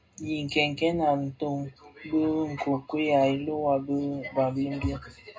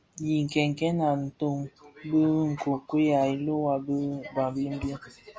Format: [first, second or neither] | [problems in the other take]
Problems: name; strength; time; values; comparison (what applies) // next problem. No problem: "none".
second | room echo; dies away in 0.2 s